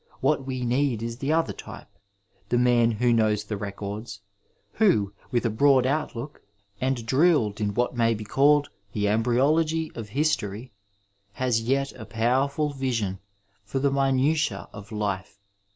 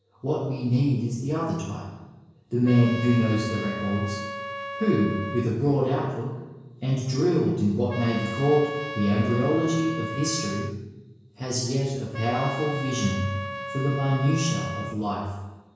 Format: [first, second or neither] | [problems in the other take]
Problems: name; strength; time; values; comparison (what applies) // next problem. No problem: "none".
first | background sound (Trumpet); 10 dB below the speech // room echo; dies away in 1 s